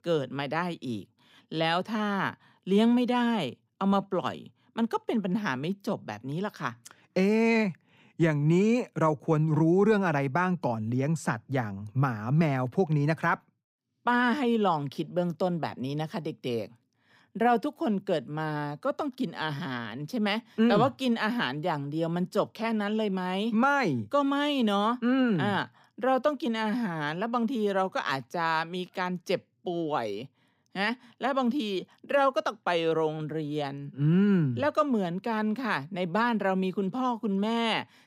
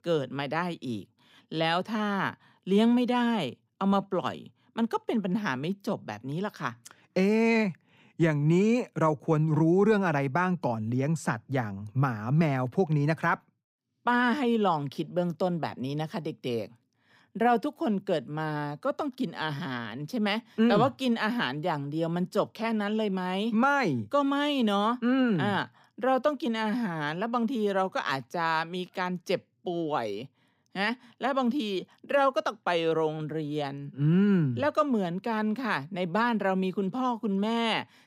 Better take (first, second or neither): neither